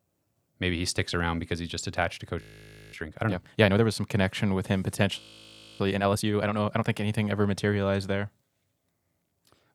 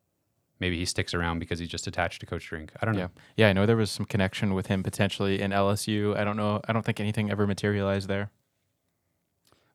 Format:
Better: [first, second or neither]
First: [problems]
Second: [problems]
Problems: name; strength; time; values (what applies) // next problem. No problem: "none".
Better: second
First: audio freezing; at 2.5 s for 0.5 s and at 5 s for 0.5 s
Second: none